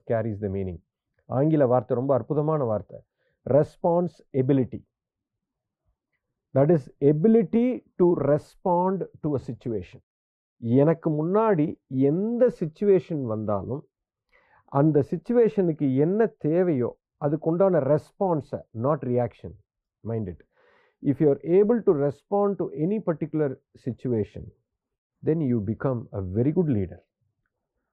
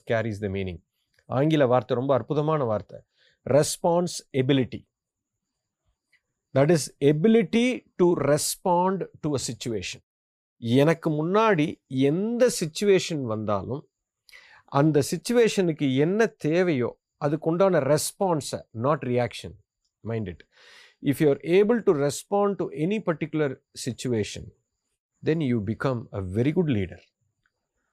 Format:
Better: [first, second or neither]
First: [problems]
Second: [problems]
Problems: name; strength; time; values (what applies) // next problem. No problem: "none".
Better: second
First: muffled; very; fading above 2.5 kHz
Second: none